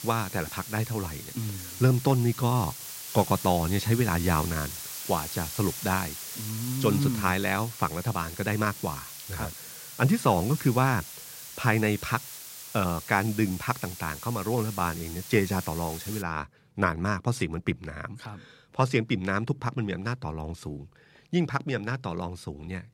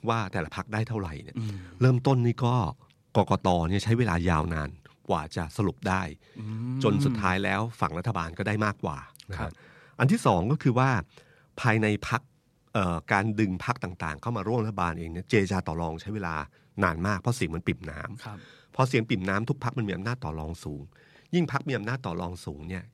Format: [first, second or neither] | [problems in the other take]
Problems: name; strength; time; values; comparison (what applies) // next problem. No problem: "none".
second | hiss; loud; until 16 s; 9 dB below the speech